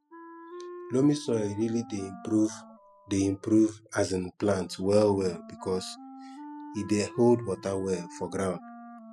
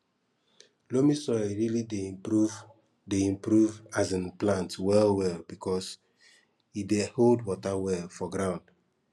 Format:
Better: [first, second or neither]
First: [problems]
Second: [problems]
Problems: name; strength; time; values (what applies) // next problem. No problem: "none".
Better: second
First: noise reduction (classical method spectral subtraction)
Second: none